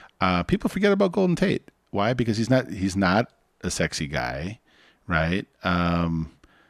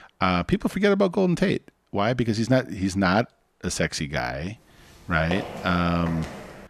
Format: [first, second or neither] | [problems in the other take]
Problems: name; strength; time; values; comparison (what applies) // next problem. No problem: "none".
first | footsteps; noticeable; from 5.5 s on; peak 8 dB below the speech